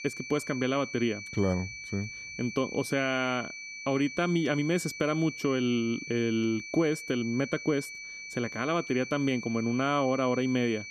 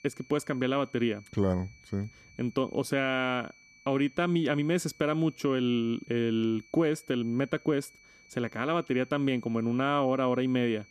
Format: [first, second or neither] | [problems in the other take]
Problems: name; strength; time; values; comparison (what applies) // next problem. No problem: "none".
second | high-pitched whine; loud; throughout; 2.5 kHz, 10 dB below the speech; faint in the second